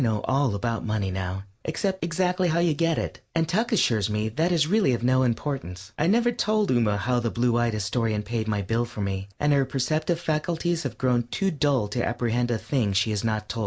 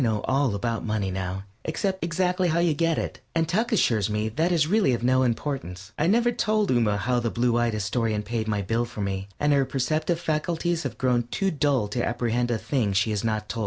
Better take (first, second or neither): second